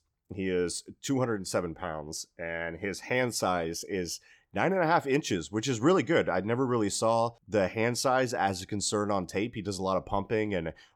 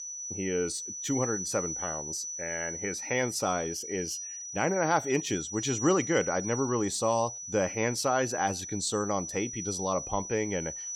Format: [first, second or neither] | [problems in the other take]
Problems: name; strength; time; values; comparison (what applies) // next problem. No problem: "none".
first | high-pitched whine; loud; throughout; 6 kHz, 5 dB below the speech